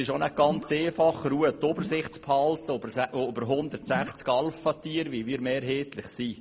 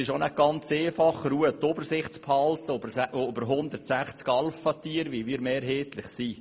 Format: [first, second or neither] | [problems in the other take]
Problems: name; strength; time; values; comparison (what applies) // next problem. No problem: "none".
second | background sound (Gurgling / Liquid); 14 dB below the speech